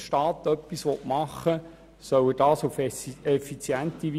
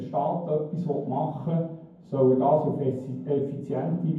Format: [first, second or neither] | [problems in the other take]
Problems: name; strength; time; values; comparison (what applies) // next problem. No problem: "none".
first | room echo; dies away in 0.9 s